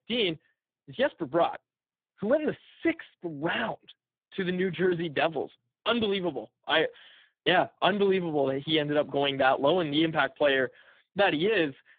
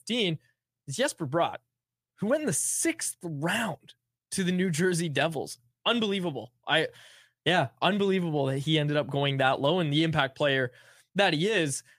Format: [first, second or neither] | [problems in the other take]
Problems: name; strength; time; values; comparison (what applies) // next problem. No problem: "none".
second | phone-call audio; poor line